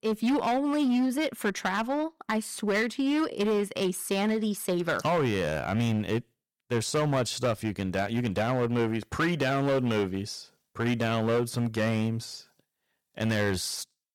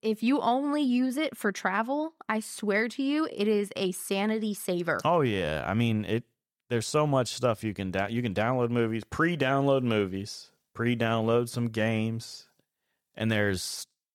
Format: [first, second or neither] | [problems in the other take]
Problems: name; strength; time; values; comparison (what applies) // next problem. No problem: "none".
second | distortion; slight; 11% of the sound clipped